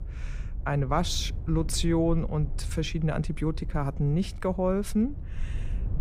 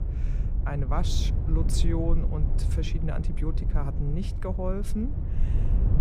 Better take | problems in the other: first | low rumble; loud; throughout; 7 dB below the speech; faint in the first

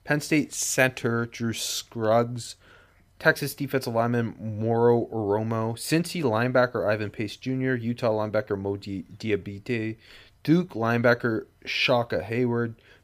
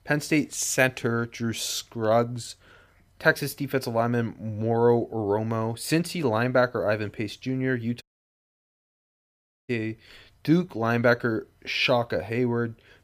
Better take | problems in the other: first | audio cutting out; at 8 s for 1.5 s

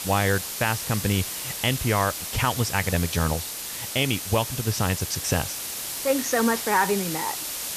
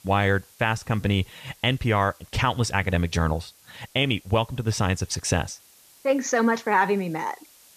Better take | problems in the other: second | hiss; loud; throughout; 4 dB below the speech; faint in the second

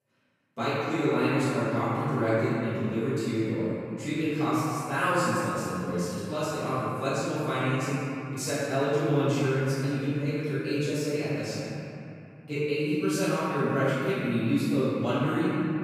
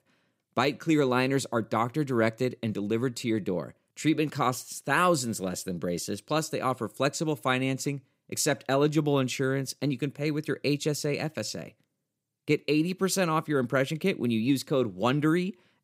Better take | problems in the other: second | off-mic speech; far // room echo; strong; dies away in 2.8 s

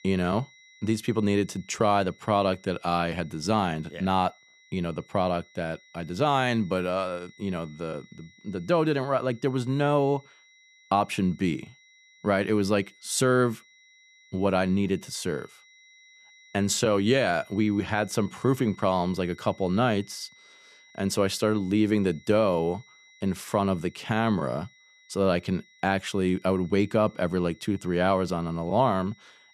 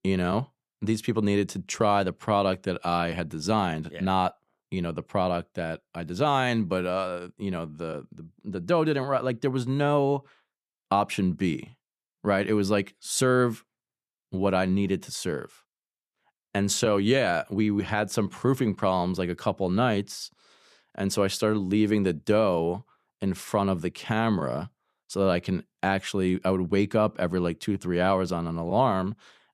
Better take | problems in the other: second | high-pitched whine; faint; throughout; 2 kHz, 25 dB below the speech

